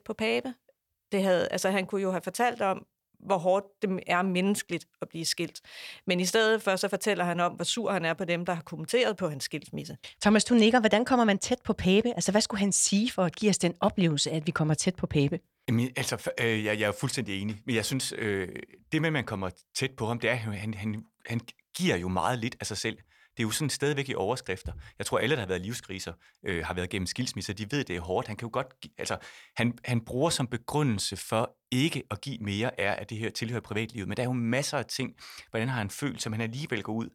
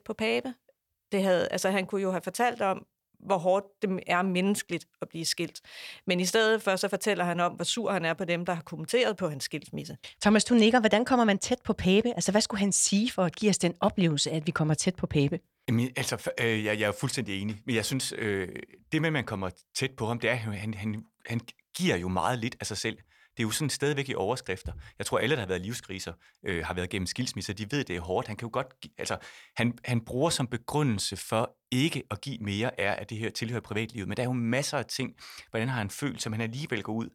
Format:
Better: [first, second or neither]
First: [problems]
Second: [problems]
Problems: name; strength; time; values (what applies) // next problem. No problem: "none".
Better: neither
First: none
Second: none